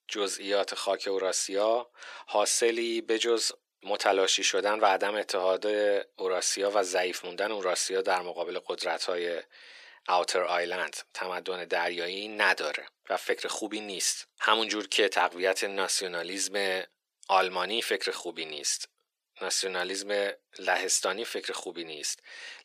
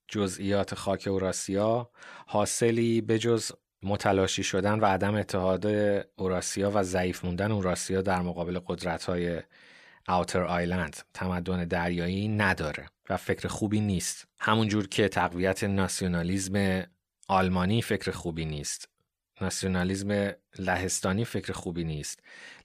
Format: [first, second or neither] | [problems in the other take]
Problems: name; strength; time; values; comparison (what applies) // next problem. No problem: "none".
second | thin; very; fading below 350 Hz